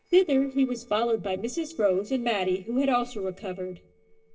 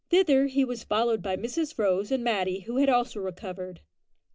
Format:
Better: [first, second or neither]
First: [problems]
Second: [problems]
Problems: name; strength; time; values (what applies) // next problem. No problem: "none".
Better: second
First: noise reduction (neural separator model SepFormer DNS4)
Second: none